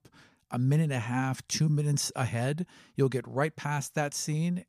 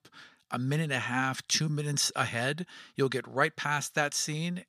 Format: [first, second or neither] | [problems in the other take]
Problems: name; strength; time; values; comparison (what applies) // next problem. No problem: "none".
first | thin; somewhat; fading below 500 Hz